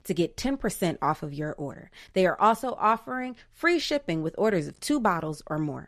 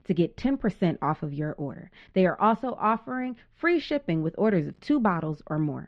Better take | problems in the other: first | muffled; slightly; fading above 3.5 kHz

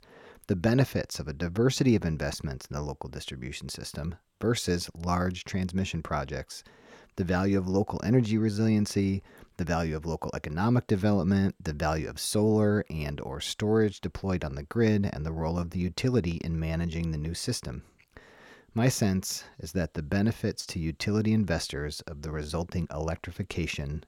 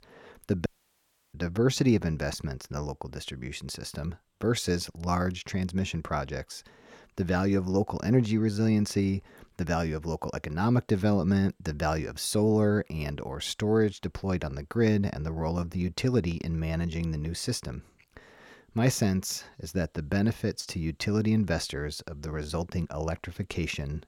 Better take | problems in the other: first | audio cutting out; at 0.5 s for 0.5 s

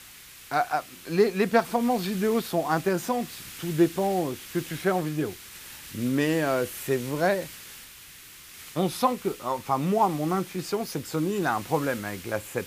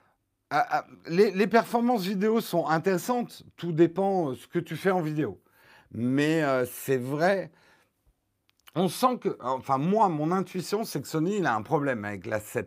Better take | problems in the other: second | hiss; noticeable; throughout; 15 dB below the speech

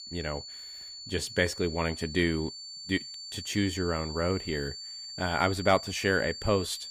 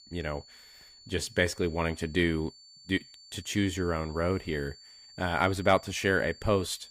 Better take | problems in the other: second | high-pitched whine; loud; throughout; 4.5 kHz, 9 dB below the speech; faint in the second

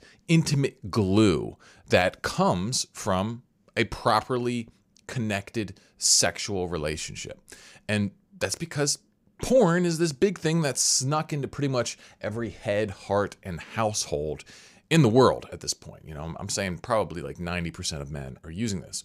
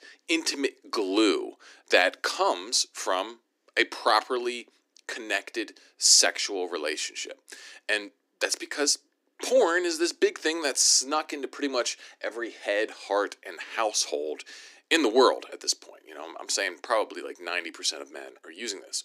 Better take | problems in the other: first | thin; somewhat; fading below 250 Hz

